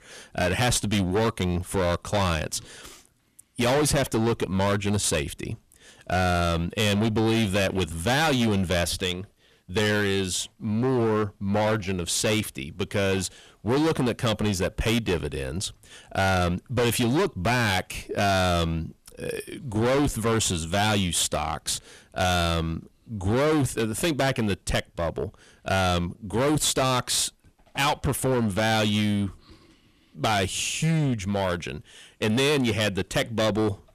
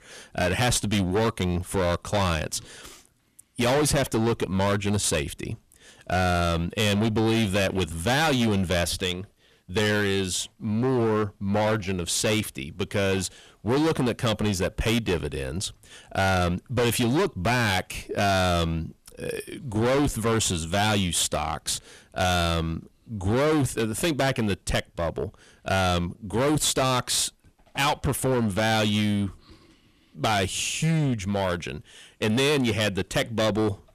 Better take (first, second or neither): neither